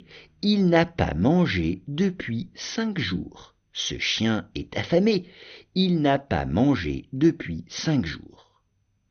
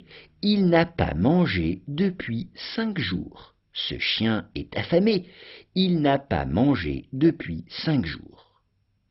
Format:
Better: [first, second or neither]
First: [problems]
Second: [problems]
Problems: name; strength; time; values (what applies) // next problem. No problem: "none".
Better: first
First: garbled, watery; slightly; nothing above 6.5 kHz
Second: garbled, watery; badly; nothing above 5.5 kHz